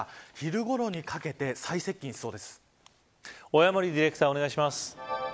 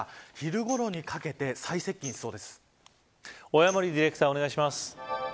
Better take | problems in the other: first | background sound (Tambourine); 20 dB below the speech

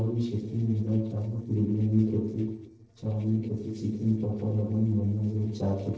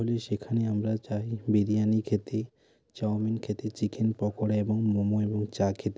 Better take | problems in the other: second | noise reduction (neural separator model SepFormer DNS4)

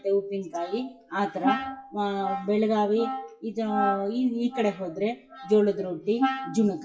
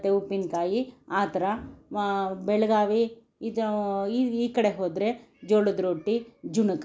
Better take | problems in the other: second | noise reduction (classical method WPE with log-MMSE)

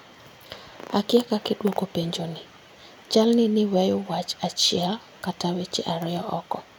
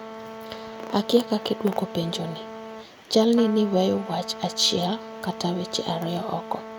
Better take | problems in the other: first | background sound (Trumpet); 13 dB below the speech

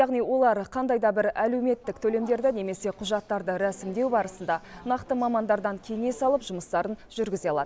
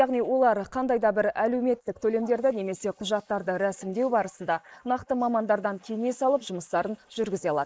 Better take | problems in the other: first | noise reduction (neural mask model Resemble Enhance denoiser)

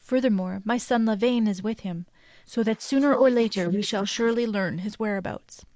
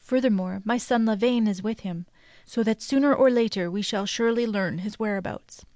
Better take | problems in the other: second | noise reduction (neural mask model Resemble Enhance denoiser)

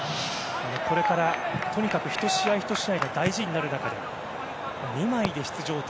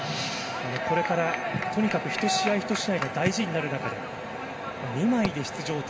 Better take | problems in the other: first | room echo; dies away in 1.6 s

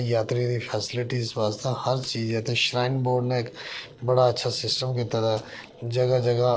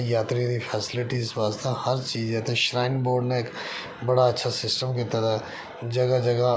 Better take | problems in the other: second | noise reduction (neural separator model SepFormer DNS4)

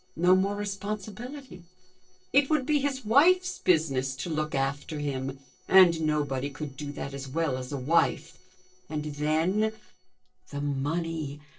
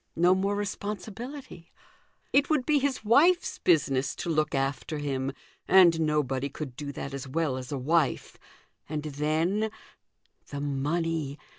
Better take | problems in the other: second | noise reduction (neural separator model SepFormer DNS4)

